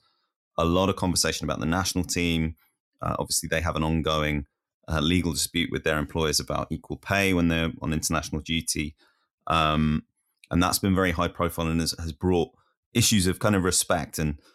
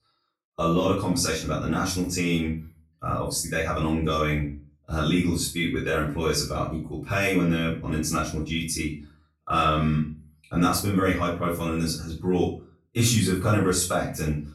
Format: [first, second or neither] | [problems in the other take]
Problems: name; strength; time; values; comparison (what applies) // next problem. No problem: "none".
first | off-mic speech; far // room echo; noticeable; dies away in 0.4 s